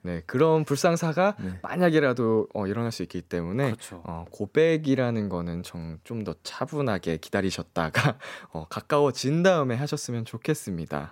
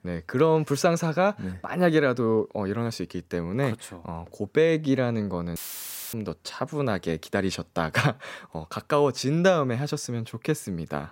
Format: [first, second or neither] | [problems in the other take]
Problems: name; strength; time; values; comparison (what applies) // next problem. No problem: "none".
first | audio cutting out; filled with static; at 5.5 s for 0.5 s